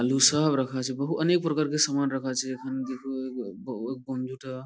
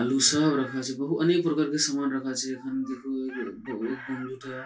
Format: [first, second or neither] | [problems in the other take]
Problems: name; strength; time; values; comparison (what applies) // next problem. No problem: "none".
first | background sound (Chicken, rooster); 19 dB below the speech // room echo; dies away in 0.2 s